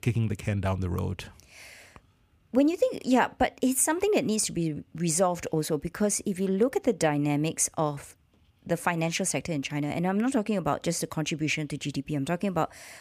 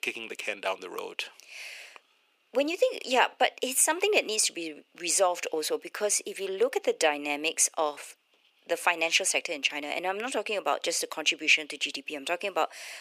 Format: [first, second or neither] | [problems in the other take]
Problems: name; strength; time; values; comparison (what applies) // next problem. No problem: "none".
first | thin; very; fading below 400 Hz